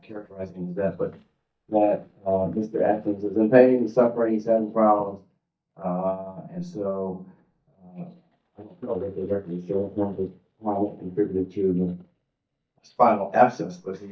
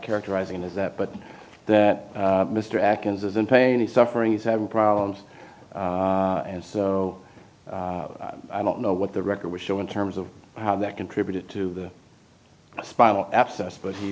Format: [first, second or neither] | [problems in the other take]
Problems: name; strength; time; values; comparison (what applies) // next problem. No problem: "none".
second | noise reduction (neural mask model DeepFilterNet 3)